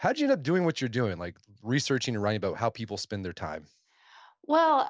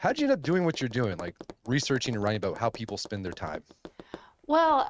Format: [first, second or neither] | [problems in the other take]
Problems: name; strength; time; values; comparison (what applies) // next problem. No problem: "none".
first | noise reduction (neural mask model RNNoise)